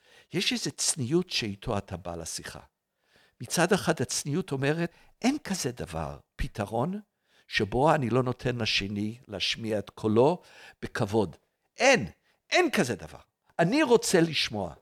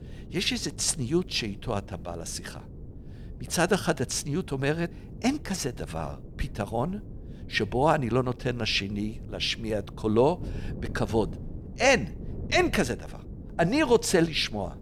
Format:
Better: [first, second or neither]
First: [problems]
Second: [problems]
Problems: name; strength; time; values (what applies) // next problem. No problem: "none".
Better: first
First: none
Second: wind noise on the microphone; occasional gusts; 20 dB below the speech